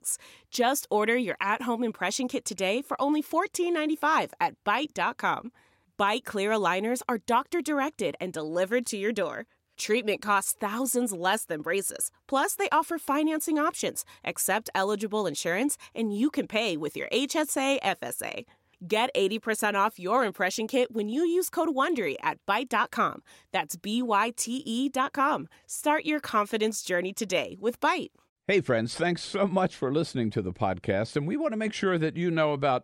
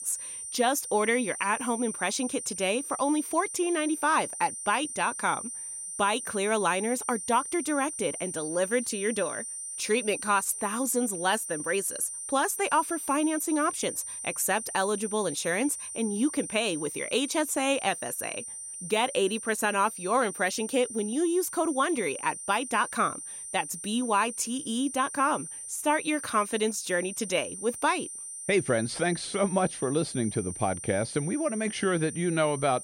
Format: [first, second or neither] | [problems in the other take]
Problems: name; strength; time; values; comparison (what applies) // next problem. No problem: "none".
first | high-pitched whine; loud; throughout; 9 kHz, 8 dB below the speech